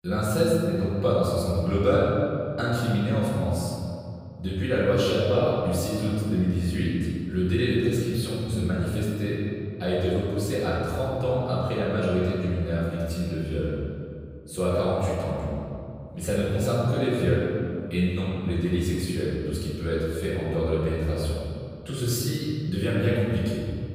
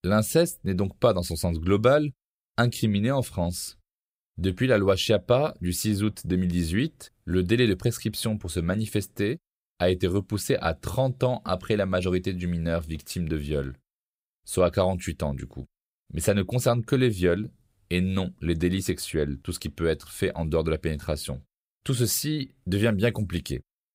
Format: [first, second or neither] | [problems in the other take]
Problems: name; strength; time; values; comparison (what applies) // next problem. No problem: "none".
second | room echo; strong; dies away in 2.3 s // off-mic speech; far